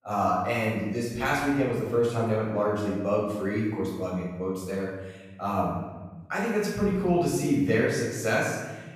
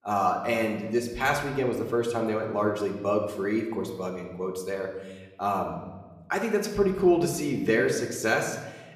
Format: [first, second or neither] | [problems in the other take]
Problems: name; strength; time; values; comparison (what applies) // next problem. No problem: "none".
second | room echo; strong; dies away in 1.2 s; slight in the second // off-mic speech; far; somewhat distant in the second